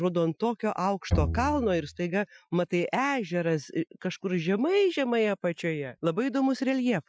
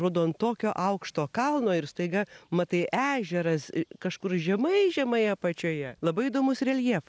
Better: second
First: noise reduction (classical method Wiener filter)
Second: none

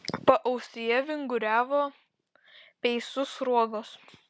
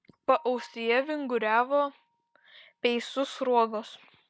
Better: first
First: none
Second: noise reduction (neural mask model DeepFilterNet 3)

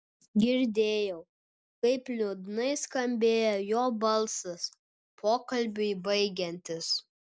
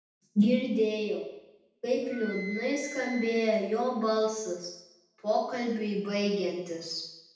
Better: first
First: none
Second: background sound (Wind instrument, woodwind instrument); 15 dB below the speech // room echo; dies away in 0.8 s

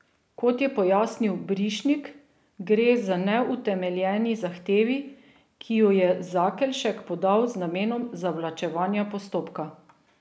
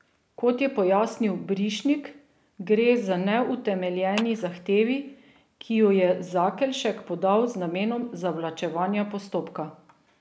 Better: first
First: none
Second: background sound (Clapping); 15 dB below the speech

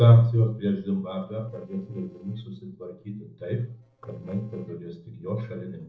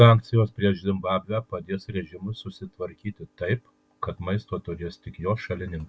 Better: second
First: noise reduction (neural separator model SepFormer DNS4)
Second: none

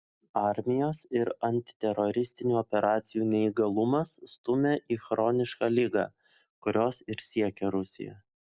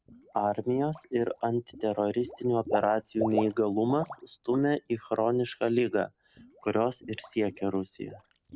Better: first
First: none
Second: background sound (Water / Liquid); 12 dB below the speech

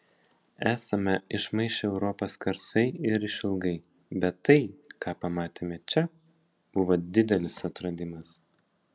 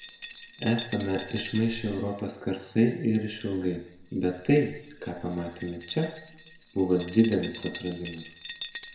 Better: first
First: none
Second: background sound (Glass); 16 dB below the speech // room echo; dies away in 0.8 s

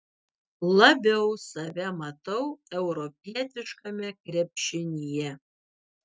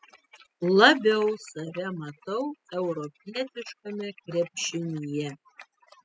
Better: first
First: none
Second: noise reduction (classical method spectral subtraction)

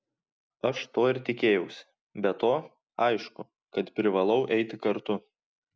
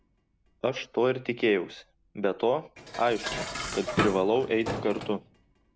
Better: first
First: none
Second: background sound (Dishes, pots, and pans); 8 dB below the speech

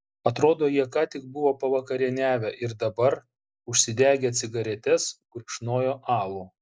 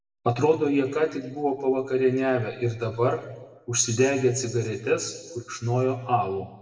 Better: first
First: none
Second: room echo; dies away in 1.1 s

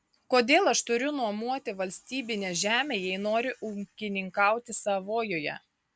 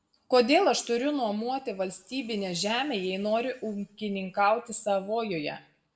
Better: first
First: none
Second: room echo; dies away in 0.4 s

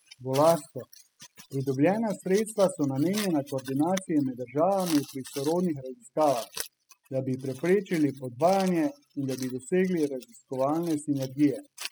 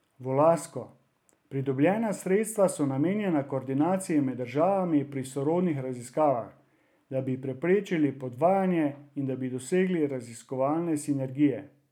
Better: second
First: noise reduction (classical method spectral subtraction)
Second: none

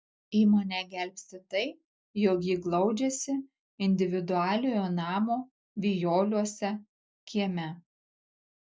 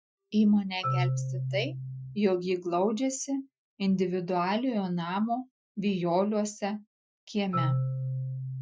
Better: first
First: none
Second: noise reduction (classical method Wiener filter)

